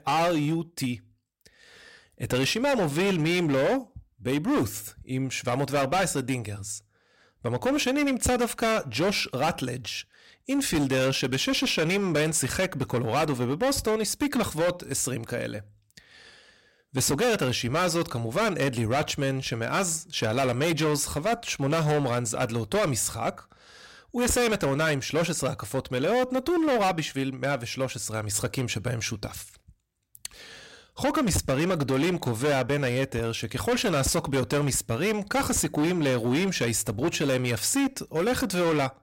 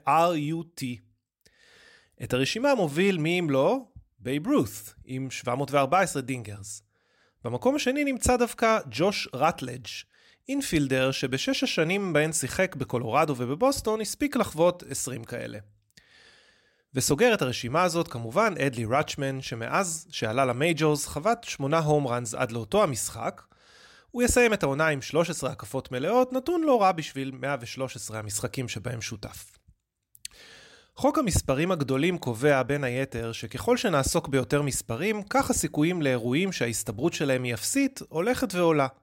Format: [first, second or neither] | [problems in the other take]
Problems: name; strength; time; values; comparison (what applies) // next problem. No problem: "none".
second | distortion; heavy; 15% of the sound clipped